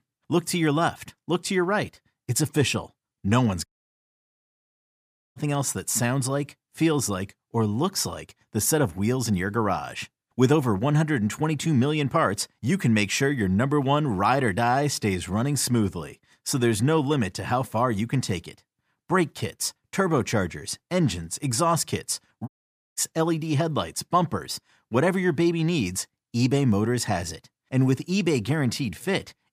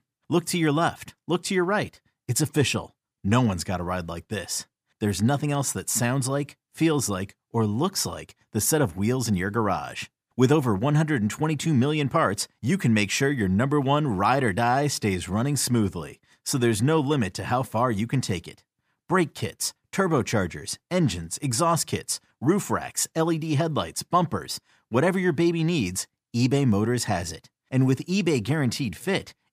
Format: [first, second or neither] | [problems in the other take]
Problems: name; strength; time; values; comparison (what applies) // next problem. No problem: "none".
second | audio cutting out; at 3.5 s for 1.5 s and at 22 s